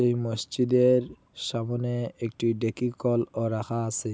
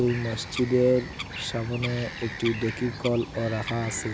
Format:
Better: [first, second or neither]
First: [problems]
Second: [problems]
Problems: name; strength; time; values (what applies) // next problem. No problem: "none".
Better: first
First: none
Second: background sound (Bird vocalization, bird call, bird song); 9 dB below the speech